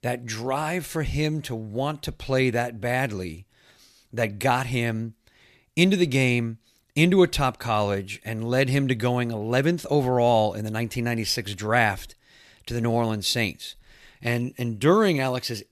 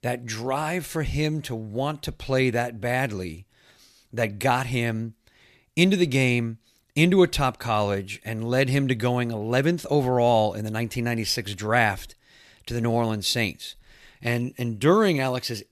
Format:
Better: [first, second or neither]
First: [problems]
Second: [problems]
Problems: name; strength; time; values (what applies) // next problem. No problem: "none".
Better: neither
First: none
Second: none